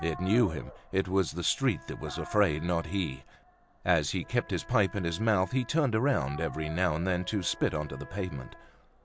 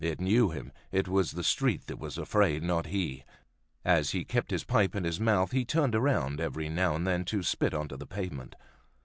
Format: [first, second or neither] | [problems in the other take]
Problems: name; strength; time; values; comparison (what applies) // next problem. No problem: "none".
second | background sound (Wind instrument, woodwind instrument + Dog); 17 dB below the speech